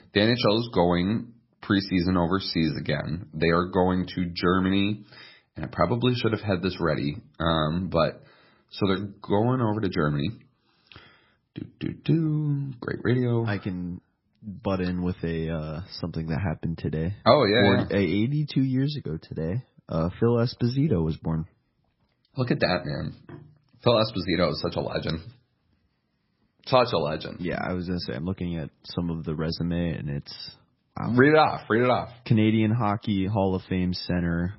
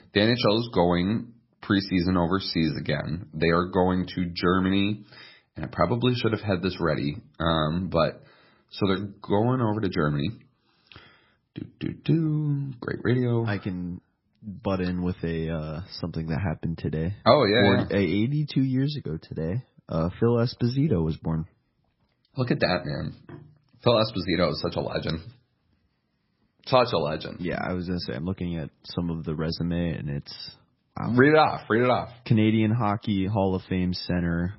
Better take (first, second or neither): neither